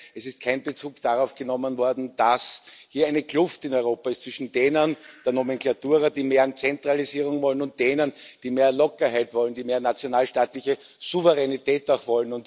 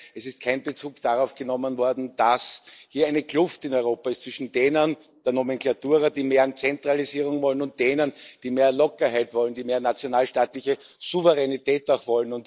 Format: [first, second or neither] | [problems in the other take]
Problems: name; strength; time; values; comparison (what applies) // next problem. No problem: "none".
first | noise reduction (neural mask model Resemble Enhance denoiser)